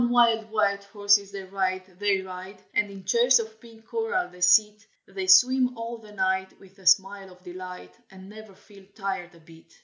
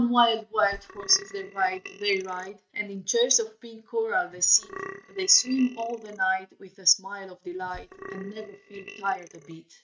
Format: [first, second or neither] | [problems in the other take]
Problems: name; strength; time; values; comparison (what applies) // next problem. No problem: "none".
first | noise reduction (neural mask model RNNoise)